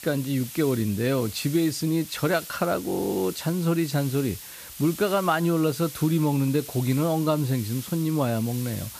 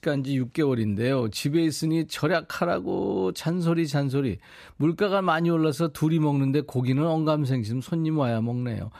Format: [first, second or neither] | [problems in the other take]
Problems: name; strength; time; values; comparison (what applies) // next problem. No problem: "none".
second | hiss; noticeable; throughout; 15 dB below the speech